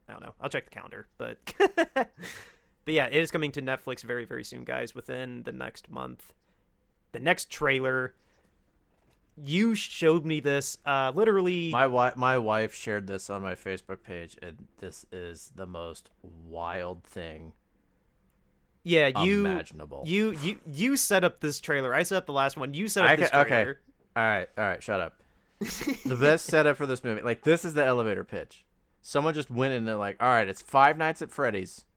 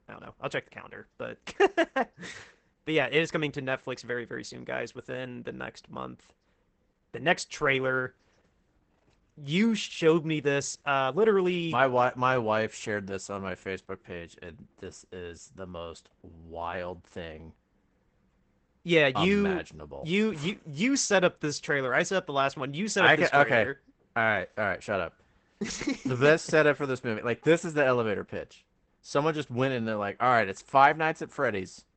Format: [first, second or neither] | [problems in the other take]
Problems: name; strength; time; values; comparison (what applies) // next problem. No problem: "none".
first | garbled, watery; badly; nothing above 8 kHz; slightly in the first